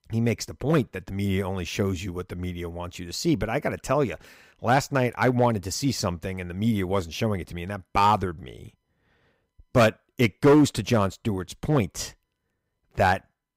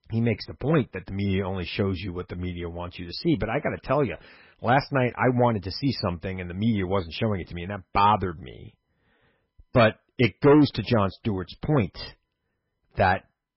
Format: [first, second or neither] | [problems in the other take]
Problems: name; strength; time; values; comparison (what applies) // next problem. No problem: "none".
first | garbled, watery; badly; nothing above 5.5 kHz